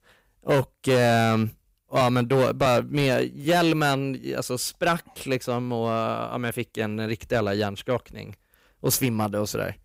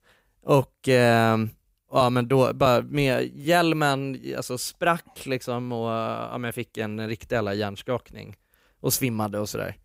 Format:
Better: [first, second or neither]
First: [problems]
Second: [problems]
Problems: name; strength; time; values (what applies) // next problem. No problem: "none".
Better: second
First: distortion; slight; 7% of the sound clipped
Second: none